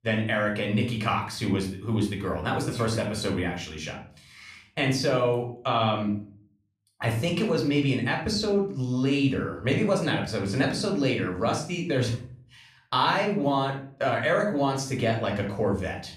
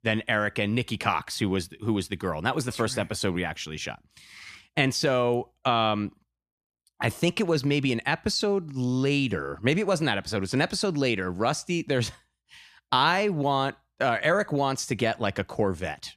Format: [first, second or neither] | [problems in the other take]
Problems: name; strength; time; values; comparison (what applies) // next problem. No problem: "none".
second | off-mic speech; somewhat distant // room echo; slight; dies away in 0.4 s